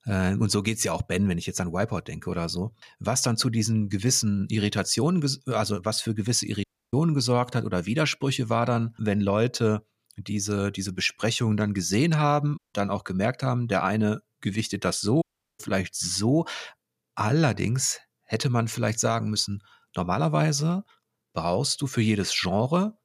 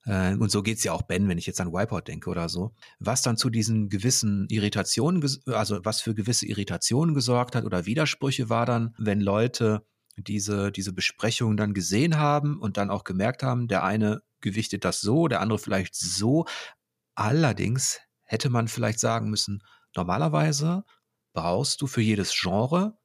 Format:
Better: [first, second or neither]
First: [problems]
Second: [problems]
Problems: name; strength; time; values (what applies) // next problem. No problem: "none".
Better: second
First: audio cutting out; at 6.5 s, at 13 s and at 15 s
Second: none